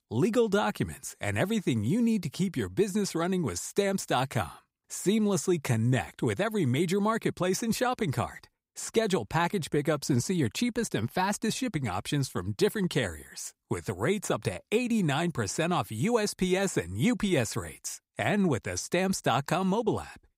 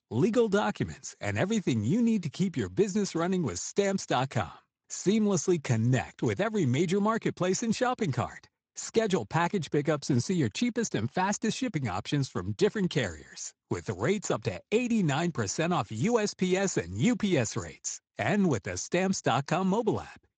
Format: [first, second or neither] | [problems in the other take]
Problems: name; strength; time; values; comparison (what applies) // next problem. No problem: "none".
first | garbled, watery; slightly; nothing above 7.5 kHz